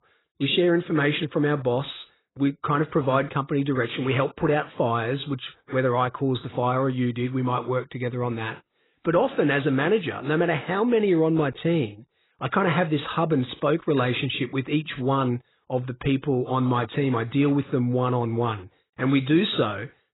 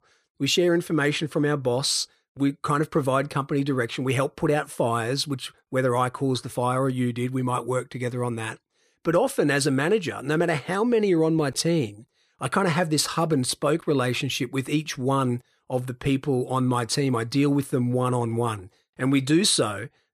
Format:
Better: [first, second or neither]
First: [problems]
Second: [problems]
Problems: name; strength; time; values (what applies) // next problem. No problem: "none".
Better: second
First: garbled, watery; badly; nothing above 4 kHz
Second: none